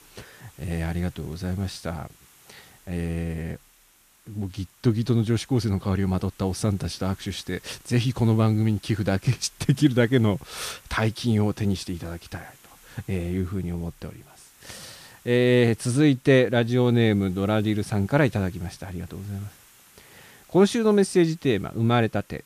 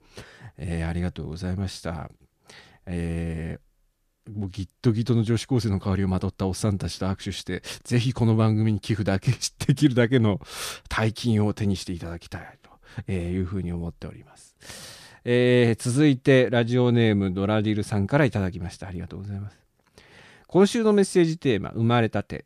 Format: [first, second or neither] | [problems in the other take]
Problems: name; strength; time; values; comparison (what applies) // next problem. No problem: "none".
second | hiss; faint; throughout; 30 dB below the speech